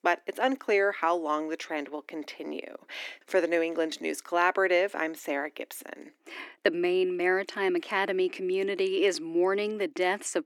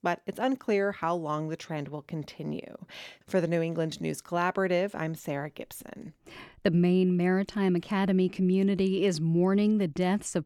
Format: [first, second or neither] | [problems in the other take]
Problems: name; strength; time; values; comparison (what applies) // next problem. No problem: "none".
second | thin; very; fading below 300 Hz